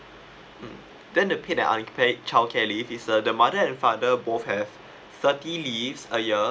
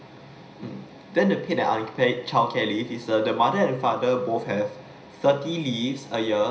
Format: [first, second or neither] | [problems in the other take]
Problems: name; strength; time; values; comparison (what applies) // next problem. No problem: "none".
first | room echo; dies away in 0.5 s